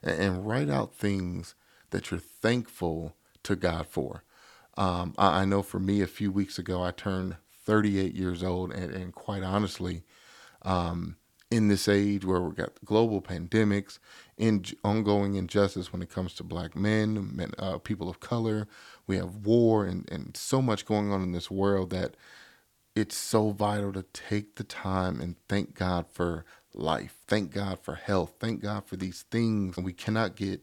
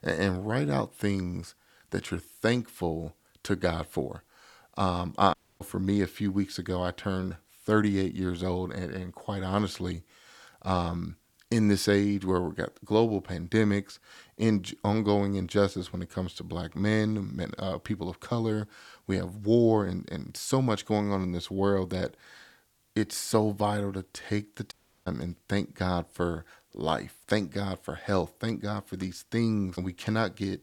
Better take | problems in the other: first | audio cutting out; at 5.5 s and at 25 s

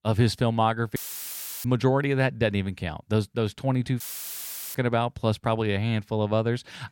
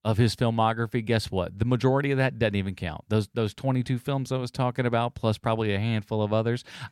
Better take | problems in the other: second | audio cutting out; filled with static; at 1 s for 0.5 s and at 4 s for 1 s

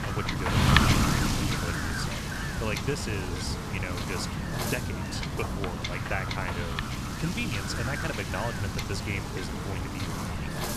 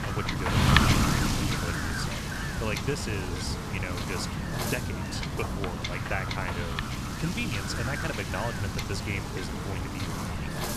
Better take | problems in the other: neither | wind noise on the microphone; heavy; 5 dB above the speech; the same in both

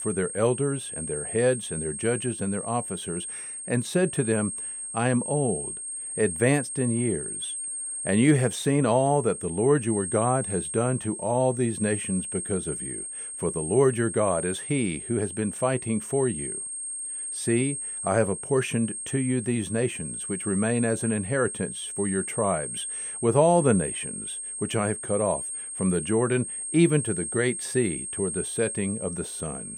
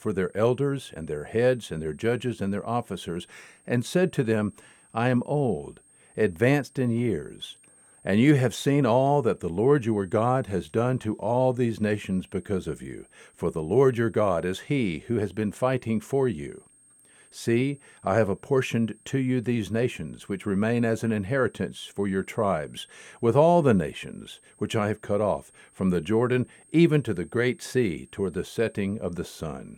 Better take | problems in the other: second | high-pitched whine; loud; throughout; 8.5 kHz, 6 dB below the speech; faint in the second

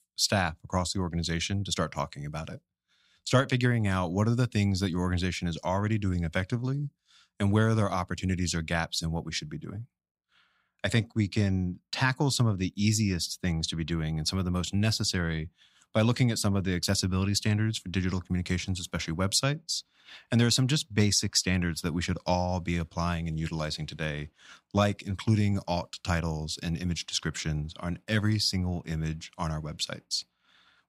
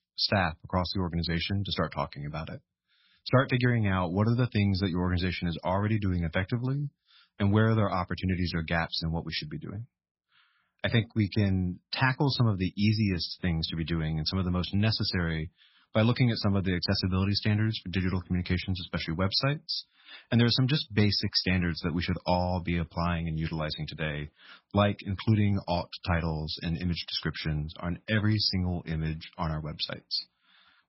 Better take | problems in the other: first | garbled, watery; badly; nothing above 5.5 kHz

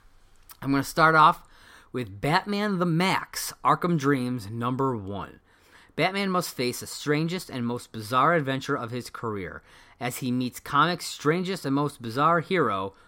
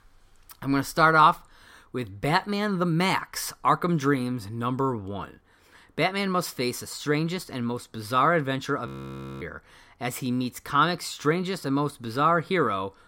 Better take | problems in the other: first | audio freezing; at 9 s for 0.5 s

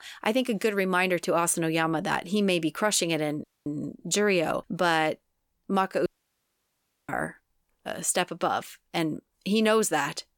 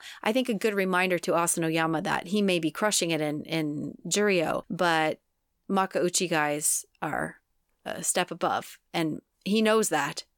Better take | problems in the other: second | audio cutting out; at 3.5 s and at 6 s for 1 s

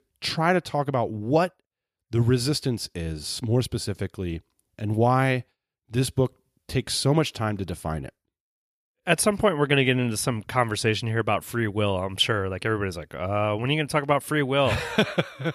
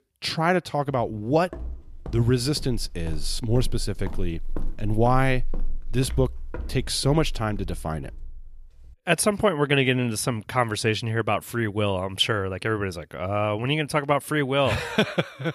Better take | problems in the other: first | footsteps; noticeable; from 1.5 to 8.5 s; peak 9 dB below the speech

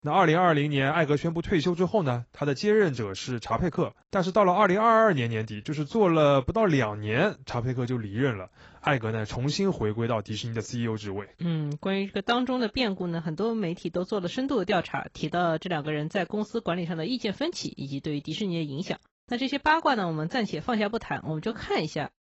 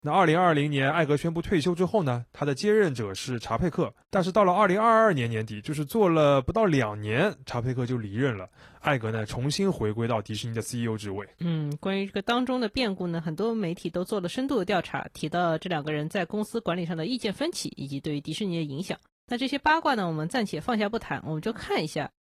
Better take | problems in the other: second | garbled, watery; badly; nothing above 7.5 kHz; slightly in the second

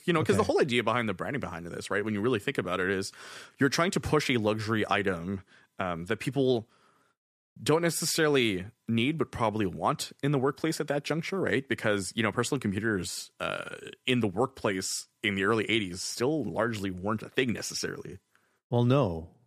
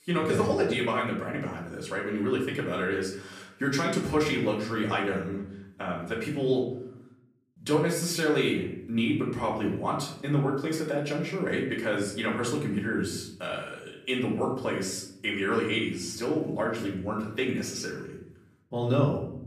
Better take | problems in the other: first | off-mic speech; far // room echo; slight; dies away in 0.6 s

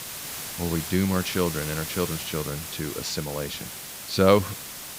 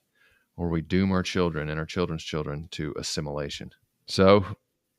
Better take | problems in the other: second | hiss; loud; throughout; 7 dB below the speech

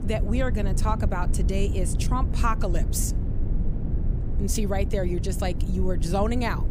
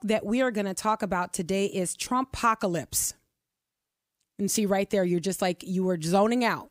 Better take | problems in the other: second | low rumble; noticeable; throughout; 10 dB below the speech

